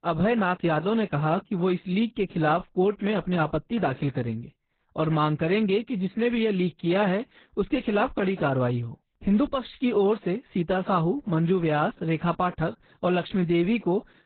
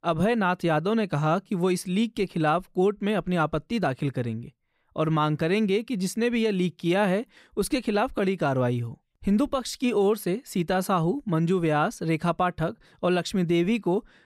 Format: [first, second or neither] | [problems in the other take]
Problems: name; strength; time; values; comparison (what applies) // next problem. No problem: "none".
second | garbled, watery; badly; nothing above 4 kHz